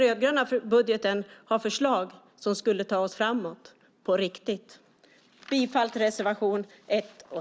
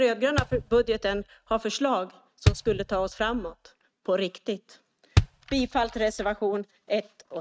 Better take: first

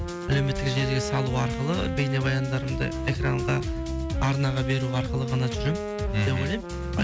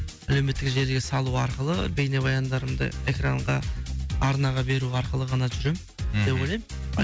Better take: second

